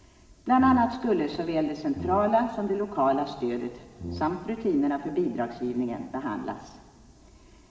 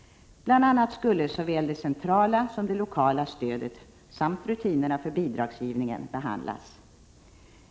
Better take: second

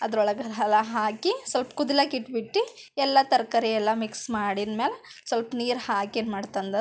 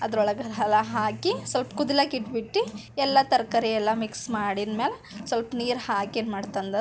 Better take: first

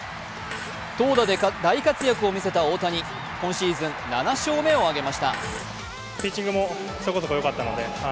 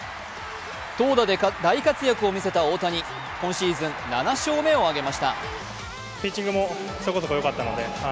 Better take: second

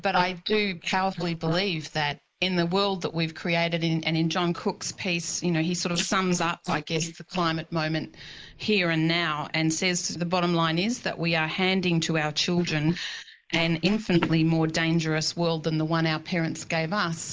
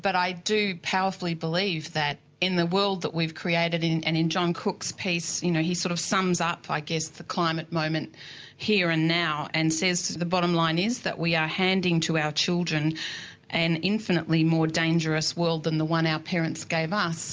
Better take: second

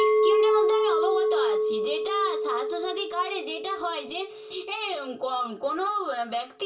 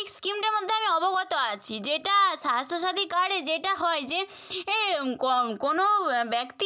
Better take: second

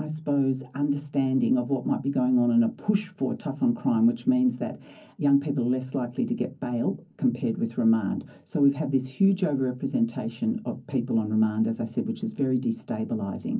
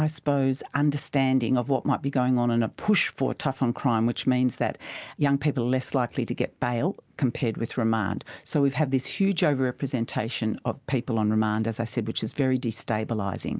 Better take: second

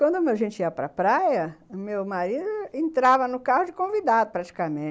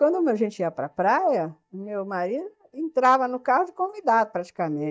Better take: first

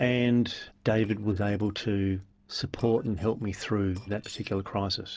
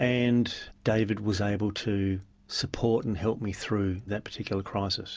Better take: second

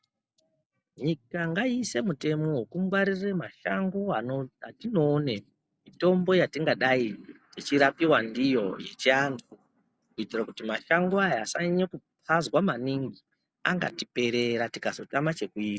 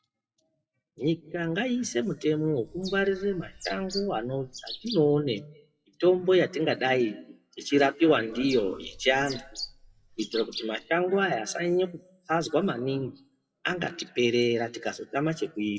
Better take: first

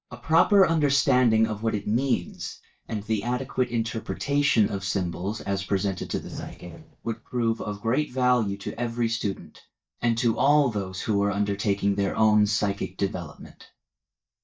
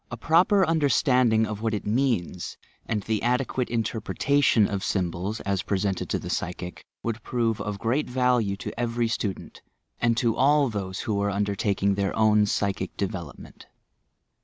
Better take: second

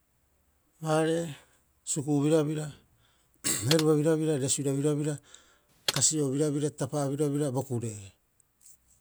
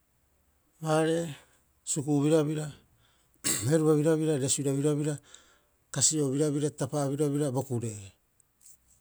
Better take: second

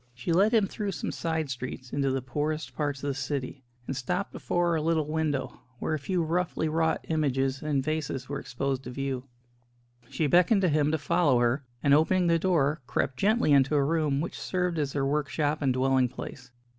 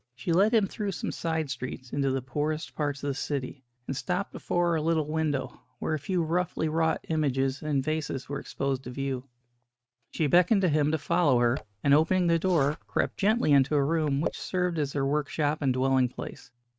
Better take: first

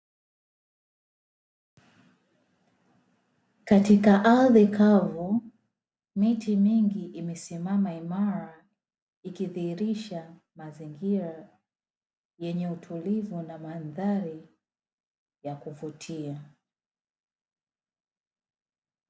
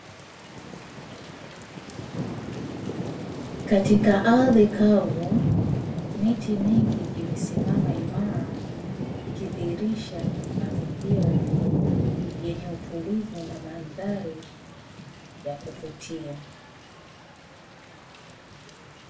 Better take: first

